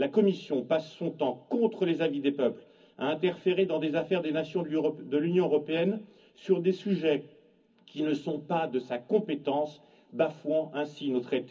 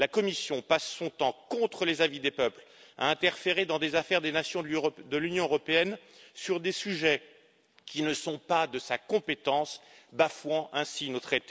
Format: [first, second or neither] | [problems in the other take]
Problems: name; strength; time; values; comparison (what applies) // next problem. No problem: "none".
second | room echo; dies away in 0.4 s